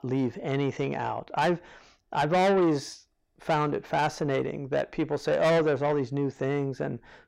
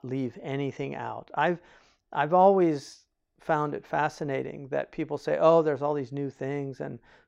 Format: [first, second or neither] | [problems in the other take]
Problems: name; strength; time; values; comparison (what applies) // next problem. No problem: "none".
second | distortion; heavy; 6 dB below the speech